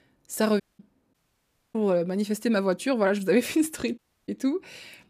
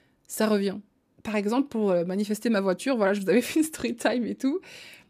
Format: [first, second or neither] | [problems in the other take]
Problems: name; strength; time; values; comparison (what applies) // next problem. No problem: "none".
second | audio cutting out; at 0.5 s, at 1 s for 0.5 s and at 4 s